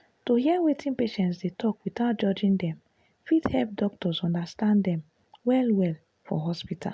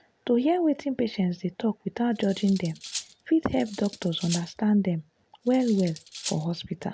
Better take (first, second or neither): first